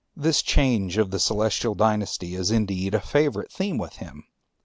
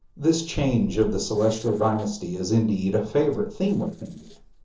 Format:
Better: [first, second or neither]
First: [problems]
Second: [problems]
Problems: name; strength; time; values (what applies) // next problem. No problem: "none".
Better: first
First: none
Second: noise reduction (neural separator model SepFormer DNS4)